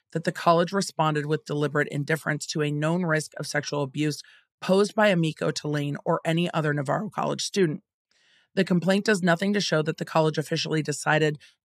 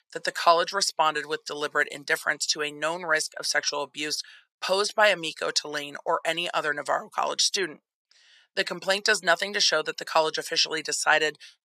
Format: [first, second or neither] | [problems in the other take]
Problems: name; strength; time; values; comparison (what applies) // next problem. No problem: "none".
first | thin; very; fading below 700 Hz